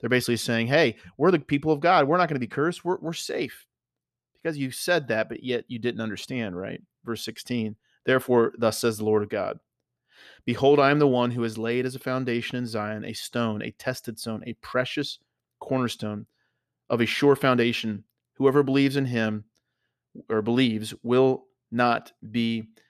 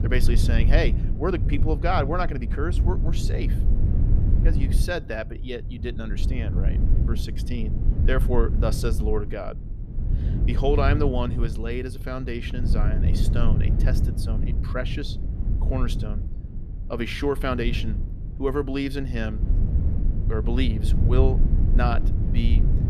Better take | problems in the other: first | low rumble; loud; throughout; 9 dB below the speech

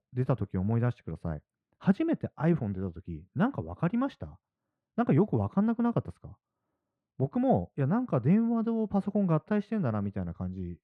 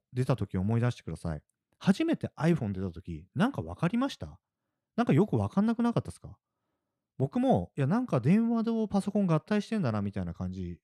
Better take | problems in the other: second | muffled; very; fading above 3 kHz

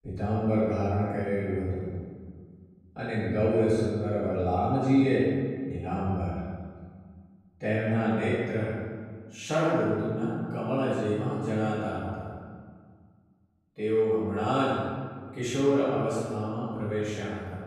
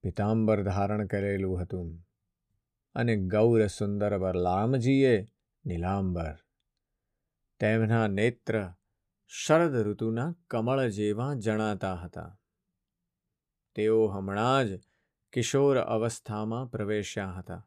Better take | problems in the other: second | off-mic speech; far // room echo; strong; dies away in 1.6 s

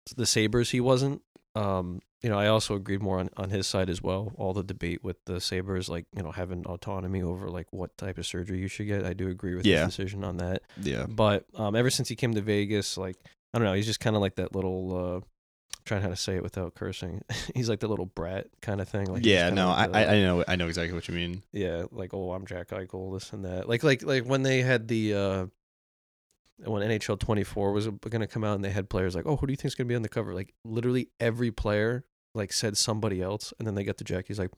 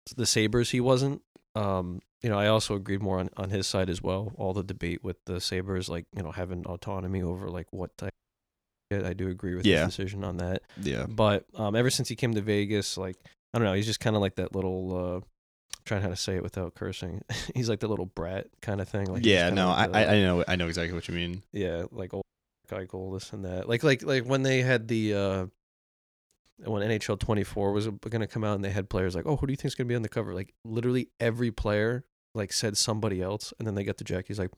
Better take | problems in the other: first | audio cutting out; at 8 s for 1 s and at 22 s

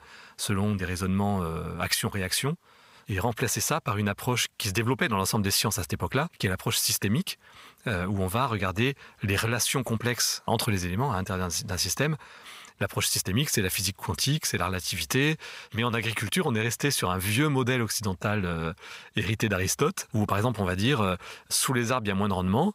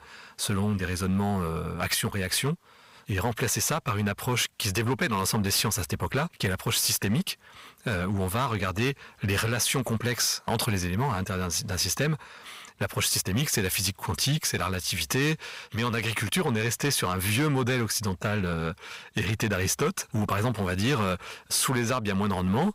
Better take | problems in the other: first | distortion; slight; 7% of the sound clipped

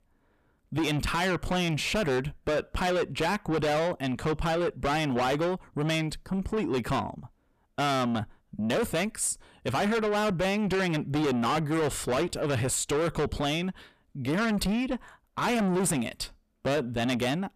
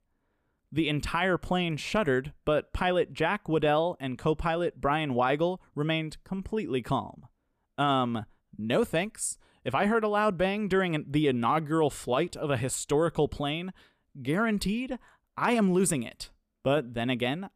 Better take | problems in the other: second | distortion; heavy; 6 dB below the speech

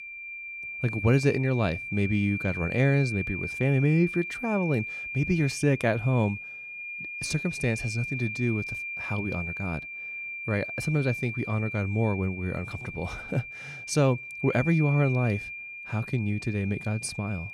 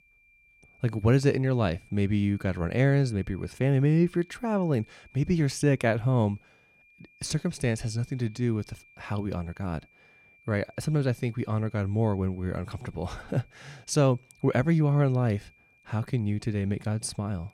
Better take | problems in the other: second | high-pitched whine; loud; throughout; 2.5 kHz, 7 dB below the speech; faint in the second

